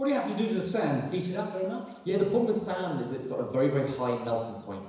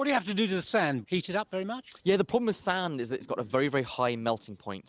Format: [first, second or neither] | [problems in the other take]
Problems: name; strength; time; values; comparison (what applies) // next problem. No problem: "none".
second | room echo; dies away in 1 s